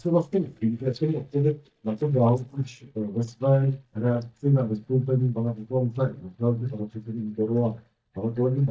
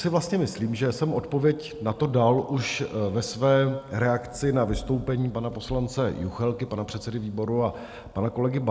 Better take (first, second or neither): second